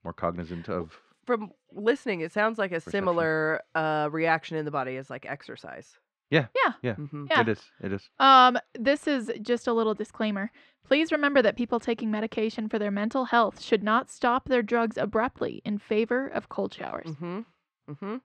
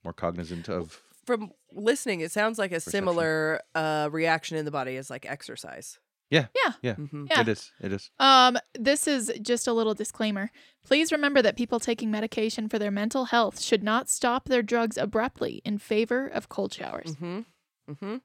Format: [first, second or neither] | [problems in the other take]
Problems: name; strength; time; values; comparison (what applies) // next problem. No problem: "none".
second | muffled; slightly; fading above 3 kHz